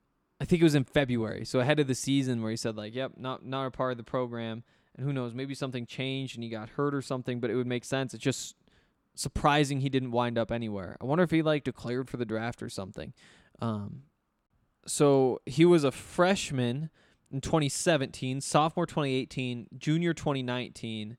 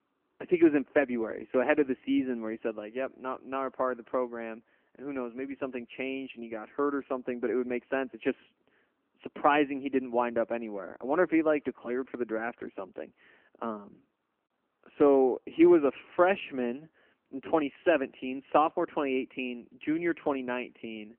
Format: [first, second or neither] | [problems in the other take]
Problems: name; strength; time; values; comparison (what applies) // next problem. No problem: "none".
first | phone-call audio; nothing above 3 kHz